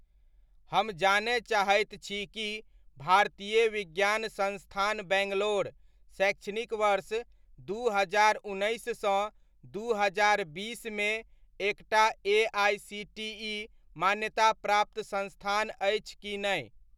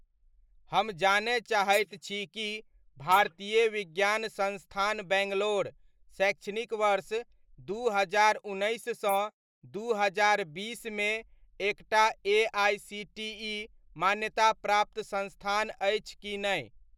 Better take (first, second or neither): first